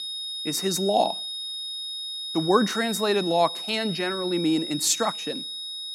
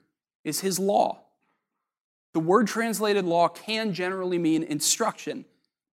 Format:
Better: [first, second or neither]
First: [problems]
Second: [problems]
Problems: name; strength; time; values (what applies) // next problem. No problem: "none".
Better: second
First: high-pitched whine; loud; throughout; 3.5 kHz, 6 dB below the speech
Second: none